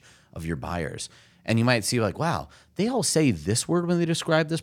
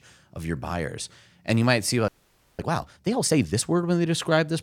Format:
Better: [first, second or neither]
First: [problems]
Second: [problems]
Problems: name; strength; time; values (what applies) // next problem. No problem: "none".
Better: first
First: none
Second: audio freezing; at 2 s for 0.5 s